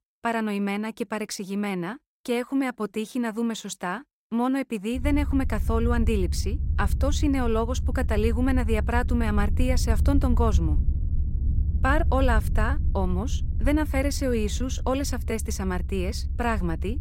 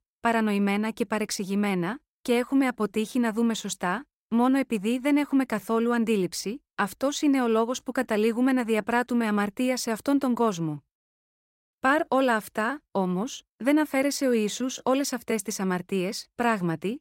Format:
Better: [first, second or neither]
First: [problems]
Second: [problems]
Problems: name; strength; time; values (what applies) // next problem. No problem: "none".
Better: second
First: low rumble; noticeable; from 5 s on; 15 dB below the speech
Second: none